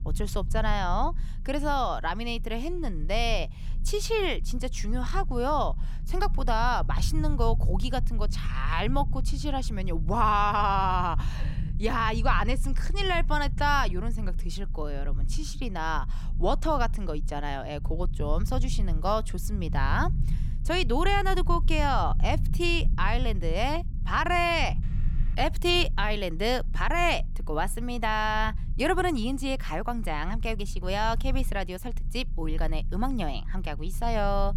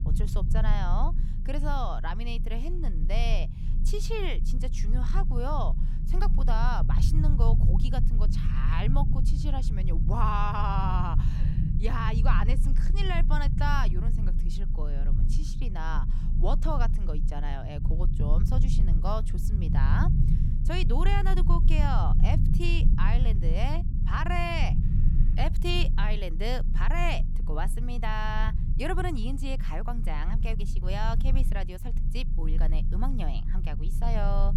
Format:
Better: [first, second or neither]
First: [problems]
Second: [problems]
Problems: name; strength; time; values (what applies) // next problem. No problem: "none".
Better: first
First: low rumble; faint; throughout; 20 dB below the speech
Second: low rumble; loud; throughout; 9 dB below the speech